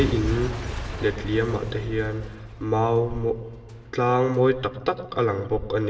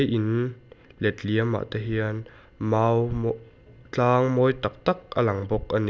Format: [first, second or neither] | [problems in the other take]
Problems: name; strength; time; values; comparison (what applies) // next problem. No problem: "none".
second | background sound (Shatter / Crushing / Boom); 10 dB below the speech // room echo; dies away in 2.1 s